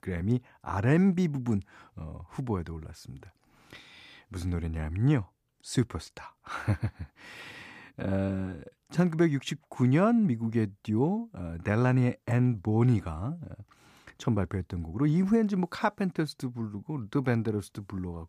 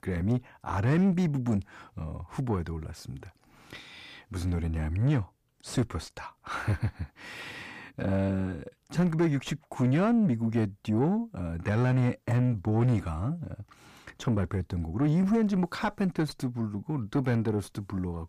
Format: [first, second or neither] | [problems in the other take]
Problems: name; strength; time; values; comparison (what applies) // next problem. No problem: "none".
first | distortion; slight; 9 dB below the speech